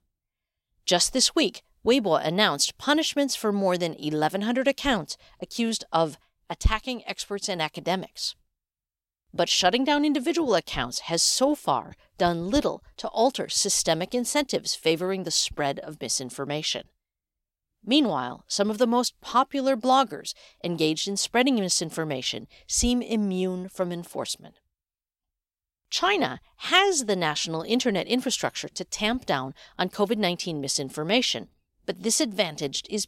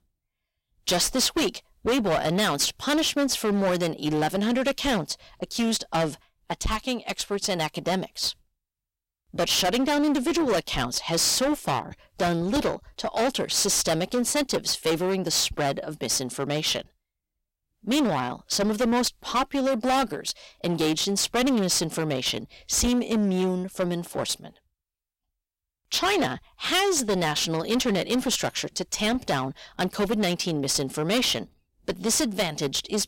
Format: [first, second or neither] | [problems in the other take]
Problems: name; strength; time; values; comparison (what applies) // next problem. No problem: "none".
first | distortion; heavy; 15% of the sound clipped